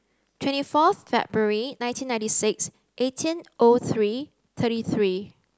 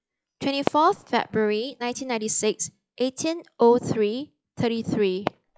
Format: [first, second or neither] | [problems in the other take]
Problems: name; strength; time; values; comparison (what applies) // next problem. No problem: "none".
first | noise reduction (classical method log-MMSE)